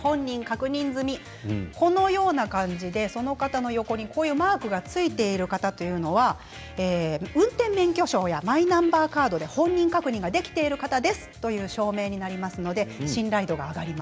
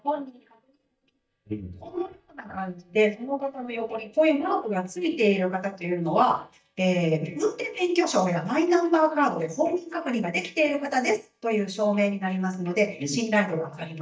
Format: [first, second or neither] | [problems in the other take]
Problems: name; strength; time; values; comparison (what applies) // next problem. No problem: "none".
first | noise reduction (neural mask model DeepFilterNet 3)